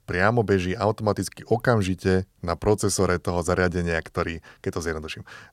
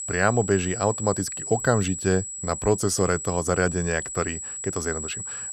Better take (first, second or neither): first